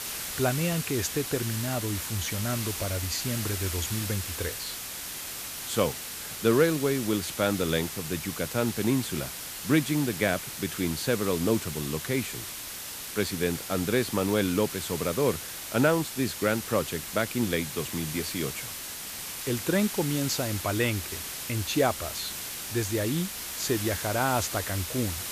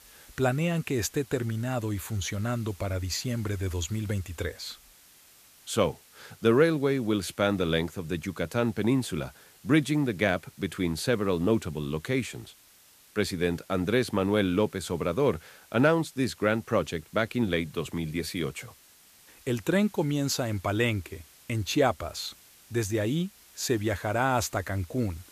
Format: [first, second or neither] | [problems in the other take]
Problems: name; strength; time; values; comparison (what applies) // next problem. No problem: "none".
second | hiss; loud; throughout; 5 dB below the speech; faint in the second